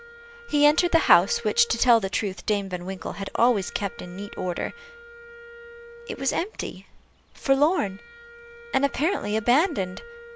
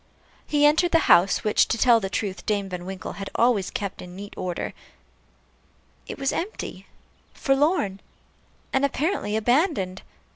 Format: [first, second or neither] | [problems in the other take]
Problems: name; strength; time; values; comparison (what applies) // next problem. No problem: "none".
second | background sound (Wind instrument, woodwind instrument); 20 dB below the speech